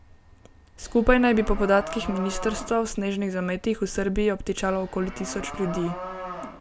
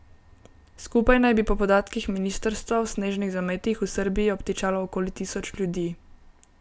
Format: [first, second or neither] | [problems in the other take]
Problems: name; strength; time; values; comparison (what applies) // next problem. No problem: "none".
second | background sound (Livestock, farm animals, working animals); 11 dB below the speech